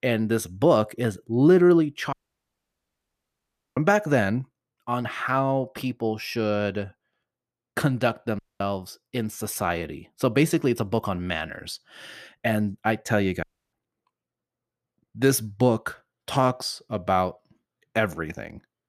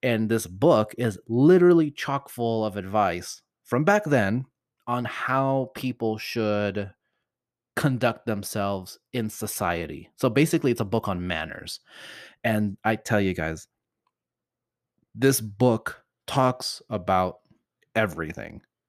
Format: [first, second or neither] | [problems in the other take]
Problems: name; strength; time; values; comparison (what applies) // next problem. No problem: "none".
second | audio cutting out; at 2 s for 1.5 s, at 8.5 s and at 13 s